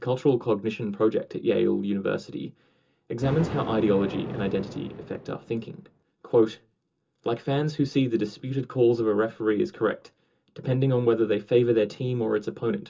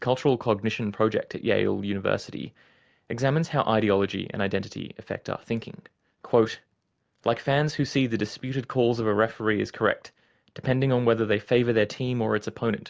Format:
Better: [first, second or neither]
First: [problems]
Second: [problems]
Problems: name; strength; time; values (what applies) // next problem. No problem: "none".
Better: second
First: background sound (Thunder); 17 dB below the speech // room echo; dies away in 0.2 s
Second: none